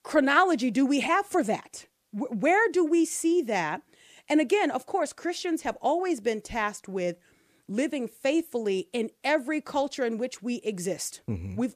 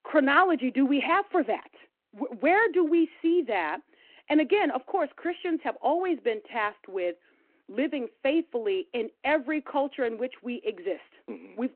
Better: first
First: none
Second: phone-call audio

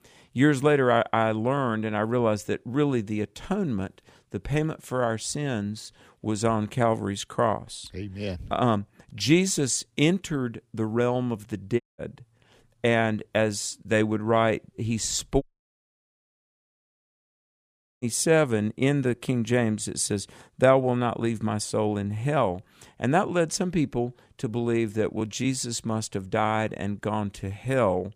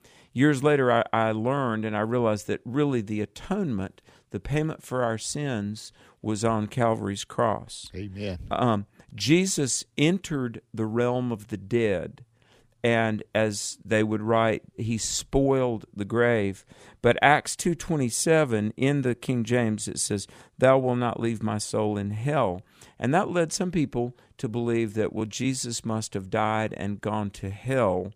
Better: second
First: audio cutting out; at 12 s and at 15 s for 2.5 s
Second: none

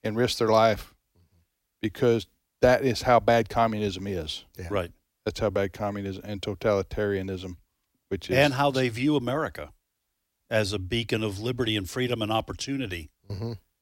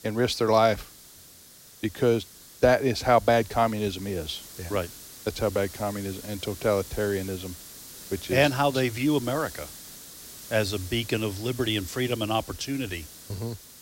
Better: first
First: none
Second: hiss; noticeable; throughout; 15 dB below the speech

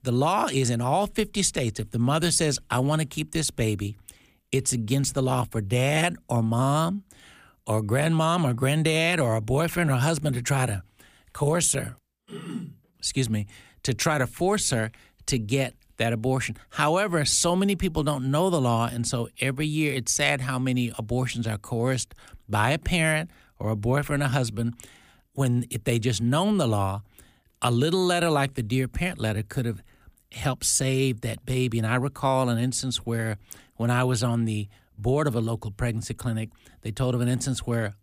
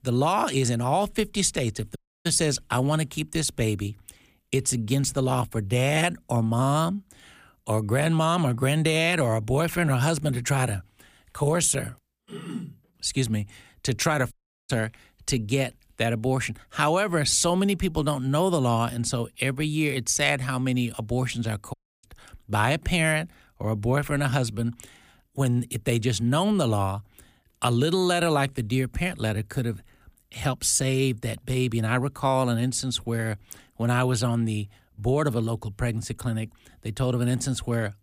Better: first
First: none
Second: audio cutting out; at 2 s, at 14 s and at 22 s

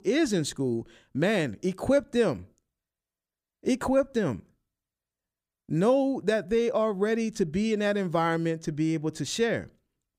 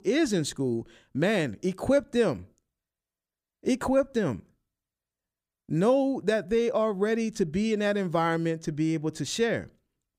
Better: neither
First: none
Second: none

